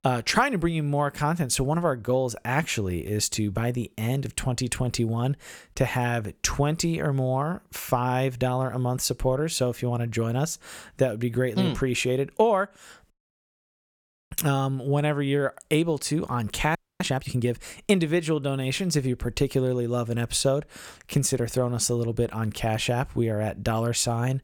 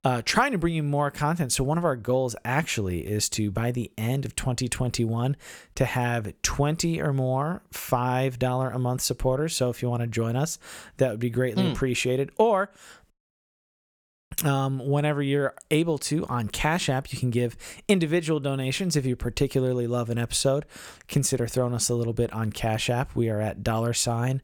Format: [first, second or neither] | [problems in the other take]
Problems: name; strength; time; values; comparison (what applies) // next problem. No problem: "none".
second | audio freezing; at 17 s